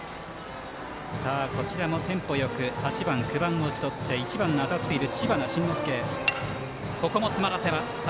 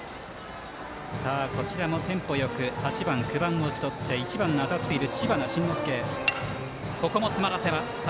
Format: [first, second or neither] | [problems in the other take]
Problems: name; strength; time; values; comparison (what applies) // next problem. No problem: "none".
second | background sound (Guitar); 16 dB below the speech